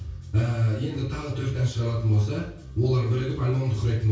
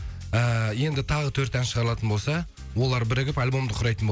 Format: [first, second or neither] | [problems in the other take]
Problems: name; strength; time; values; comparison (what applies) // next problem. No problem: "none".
second | room echo; dies away in 0.6 s